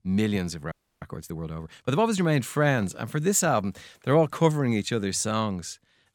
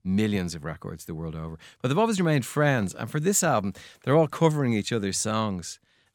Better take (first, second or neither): second